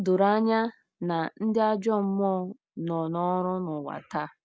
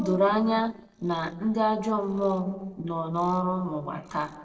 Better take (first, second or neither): first